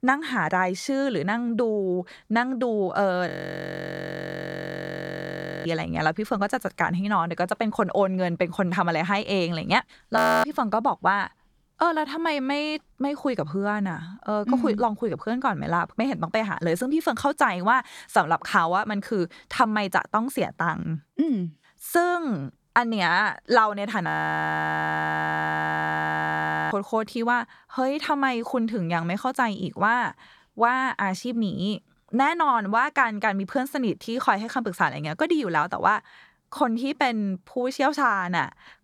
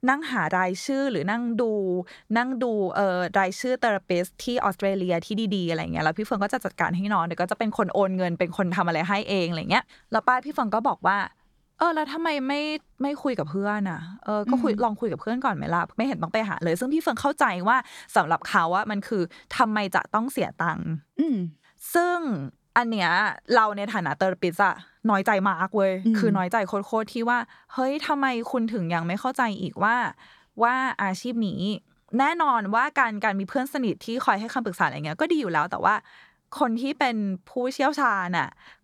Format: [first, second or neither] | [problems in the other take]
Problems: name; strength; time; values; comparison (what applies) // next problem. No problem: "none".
second | audio freezing; at 3.5 s for 2.5 s, at 10 s and at 24 s for 2.5 s